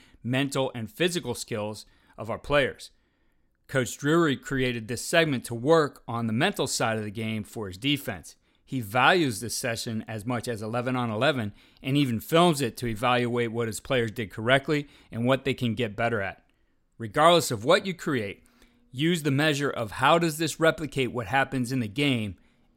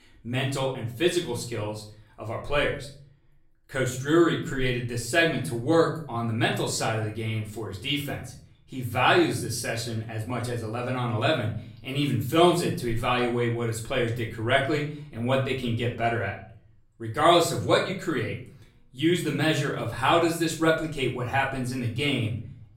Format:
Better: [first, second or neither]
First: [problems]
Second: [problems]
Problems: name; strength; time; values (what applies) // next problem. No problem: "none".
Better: first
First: none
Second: off-mic speech; far // room echo; slight; dies away in 0.5 s